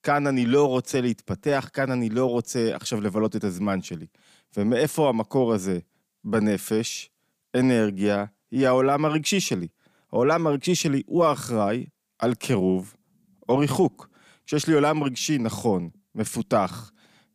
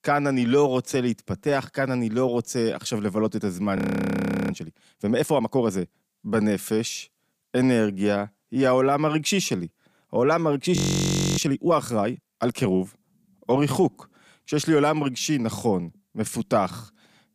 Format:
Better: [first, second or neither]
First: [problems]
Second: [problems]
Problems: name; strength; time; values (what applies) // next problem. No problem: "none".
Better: first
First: none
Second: audio freezing; at 4 s for 0.5 s and at 11 s for 0.5 s